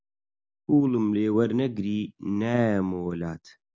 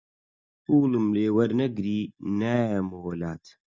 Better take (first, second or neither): first